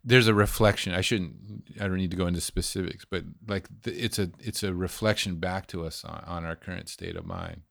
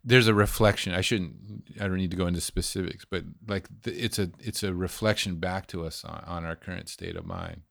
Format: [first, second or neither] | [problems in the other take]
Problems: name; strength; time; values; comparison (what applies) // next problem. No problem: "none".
neither | none